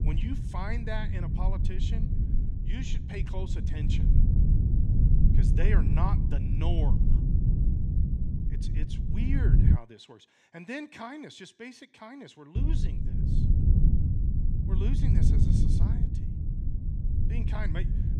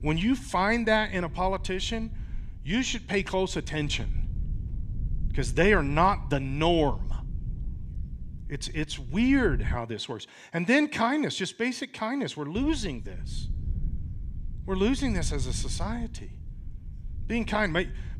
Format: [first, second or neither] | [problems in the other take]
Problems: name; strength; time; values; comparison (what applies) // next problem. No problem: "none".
second | low rumble; loud; until 10 s and from 13 s on; as loud as the speech; faint in the second